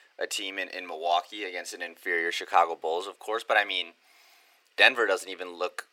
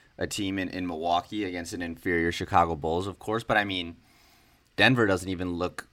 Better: second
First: thin; very; fading below 450 Hz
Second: none

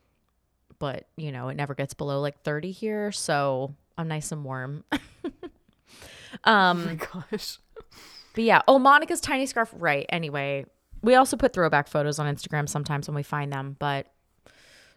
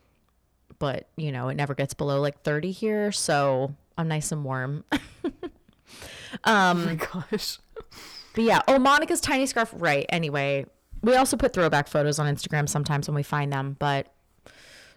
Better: first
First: none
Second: distortion; heavy; 8 dB below the speech

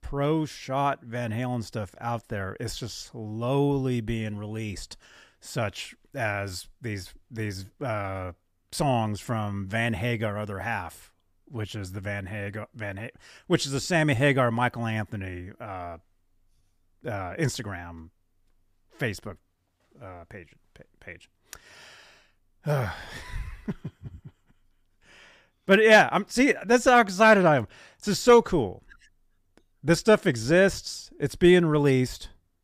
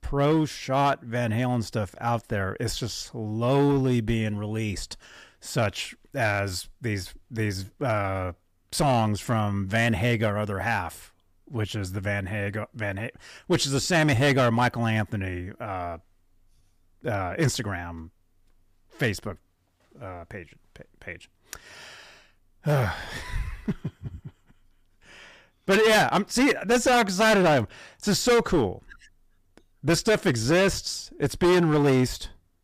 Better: first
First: none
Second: distortion; heavy; 5% of the sound clipped

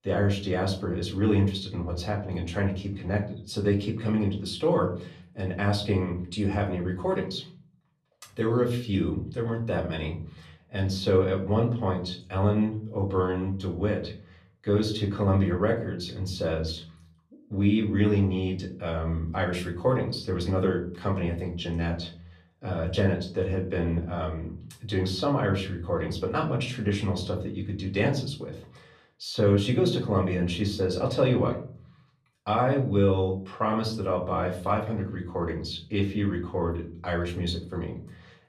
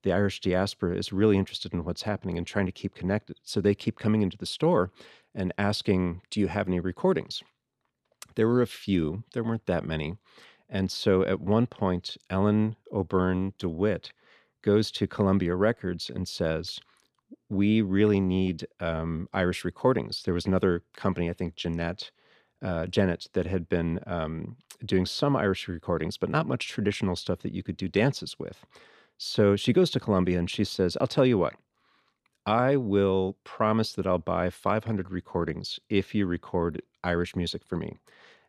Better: second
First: off-mic speech; far // room echo; slight; dies away in 0.5 s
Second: none

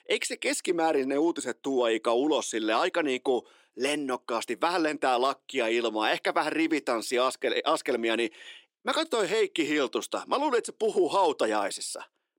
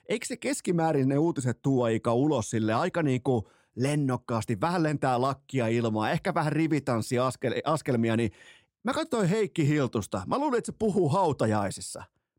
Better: second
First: thin; somewhat; fading below 350 Hz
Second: none

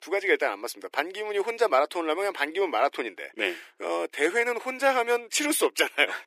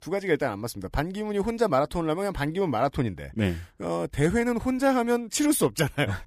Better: second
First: thin; very; fading below 350 Hz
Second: none

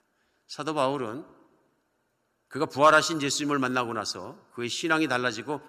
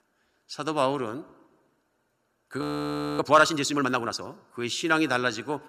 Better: first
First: none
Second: audio freezing; at 2.5 s for 0.5 s

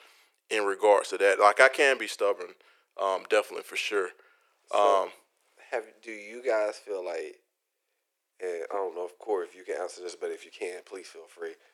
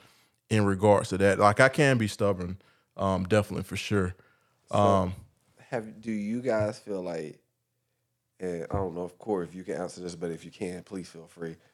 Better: second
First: thin; very; fading below 350 Hz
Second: none

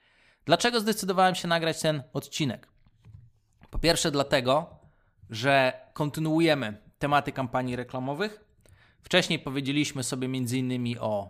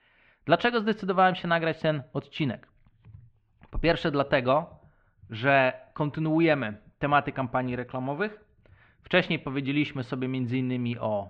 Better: first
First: none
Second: muffled; very; fading above 3 kHz

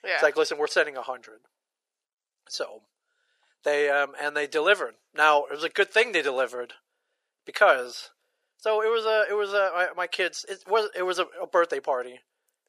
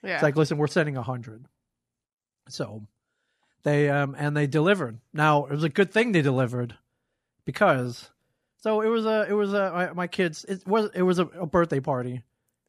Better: second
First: thin; very; fading below 450 Hz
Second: none

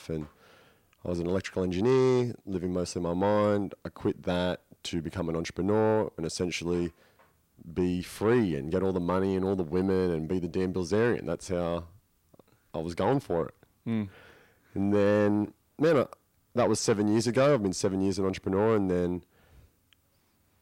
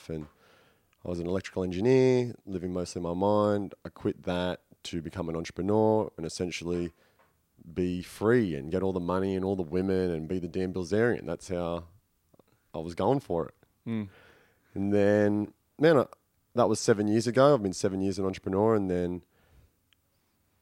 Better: second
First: distortion; slight; 10 dB below the speech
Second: none

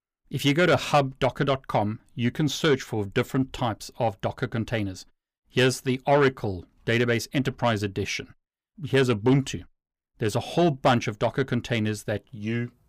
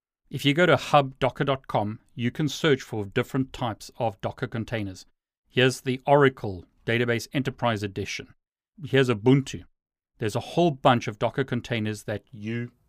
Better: second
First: distortion; slight; 10 dB below the speech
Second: none

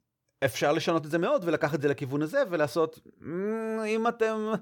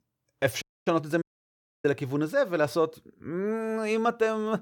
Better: first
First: none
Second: audio cutting out; at 0.5 s and at 1 s for 0.5 s

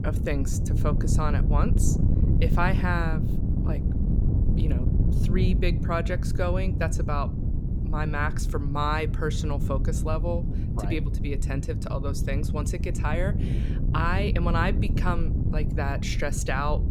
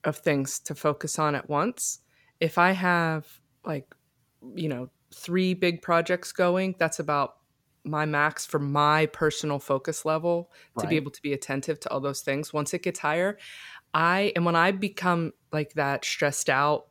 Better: second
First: wind noise on the microphone; heavy; 8 dB below the speech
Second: none

